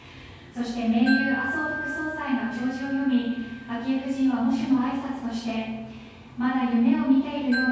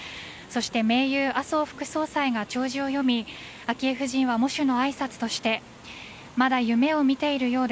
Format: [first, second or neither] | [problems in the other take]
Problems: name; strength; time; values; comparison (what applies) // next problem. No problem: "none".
second | background sound (Wind chime); 11 dB below the speech // room echo; dies away in 1.3 s